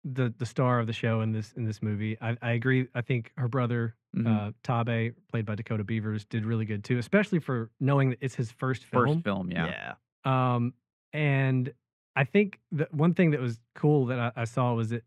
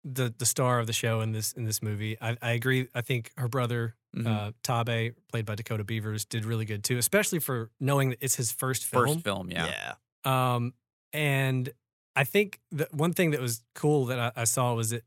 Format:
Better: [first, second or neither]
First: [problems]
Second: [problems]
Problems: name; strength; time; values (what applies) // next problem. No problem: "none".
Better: second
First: muffled; very; fading above 2 kHz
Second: none